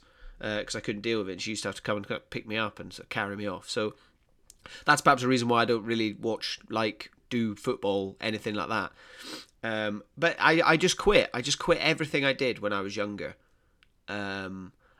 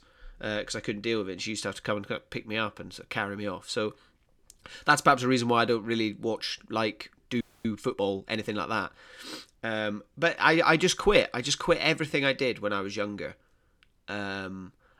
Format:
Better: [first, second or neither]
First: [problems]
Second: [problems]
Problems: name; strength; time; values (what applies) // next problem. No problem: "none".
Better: first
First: none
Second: audio freezing; at 7.5 s